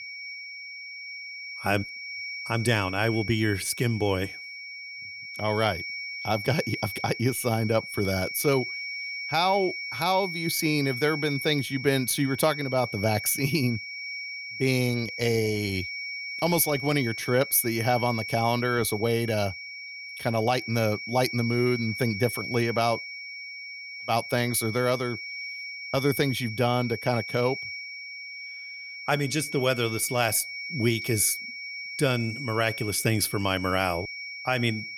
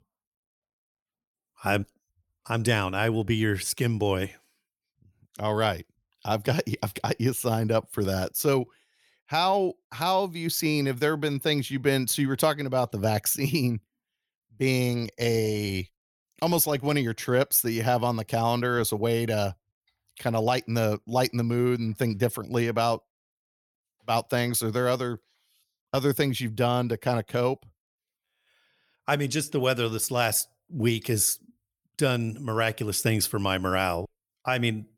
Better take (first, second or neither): second